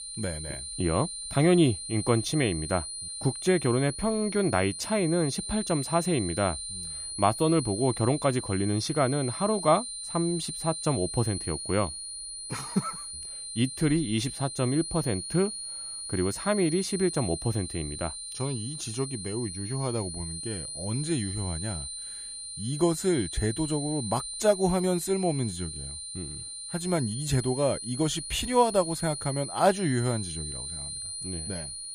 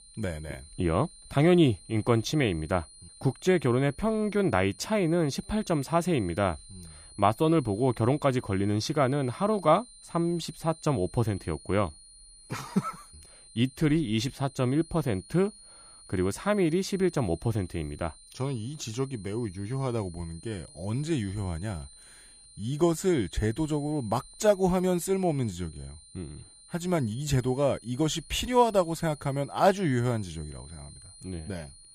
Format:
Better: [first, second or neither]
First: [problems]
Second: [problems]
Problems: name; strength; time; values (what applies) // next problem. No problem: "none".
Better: second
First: high-pitched whine; loud; throughout; 9 kHz, 7 dB below the speech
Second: high-pitched whine; faint; throughout; 9 kHz, 20 dB below the speech